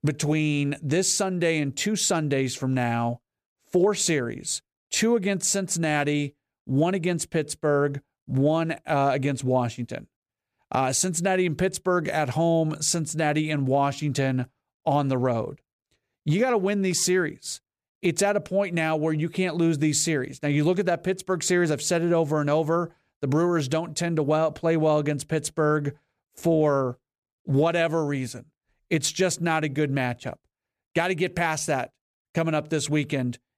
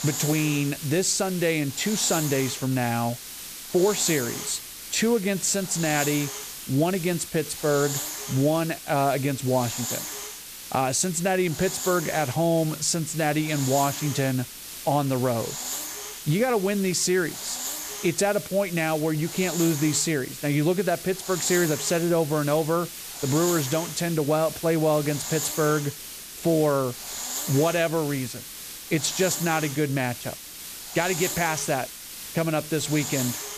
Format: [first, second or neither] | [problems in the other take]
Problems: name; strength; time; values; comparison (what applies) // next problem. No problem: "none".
first | hiss; loud; throughout; 8 dB below the speech